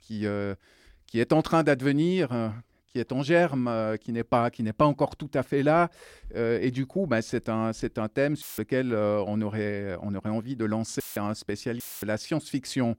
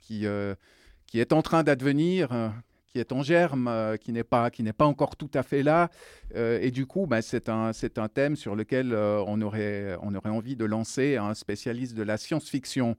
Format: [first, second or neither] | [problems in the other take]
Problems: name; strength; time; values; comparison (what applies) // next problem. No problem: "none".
second | audio cutting out; filled with static; at 8.5 s, at 11 s and at 12 s